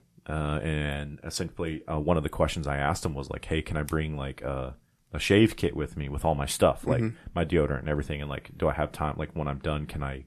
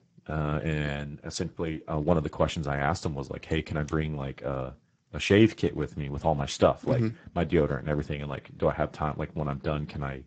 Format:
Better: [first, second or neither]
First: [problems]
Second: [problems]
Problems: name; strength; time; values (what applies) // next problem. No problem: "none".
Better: first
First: none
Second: garbled, watery; badly; nothing above 8 kHz